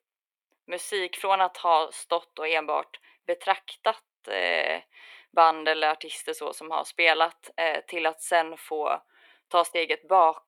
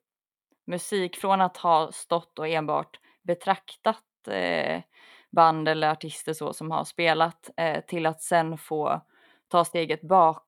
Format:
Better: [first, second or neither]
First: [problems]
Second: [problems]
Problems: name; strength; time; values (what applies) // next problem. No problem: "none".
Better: second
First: thin; very; fading below 350 Hz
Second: none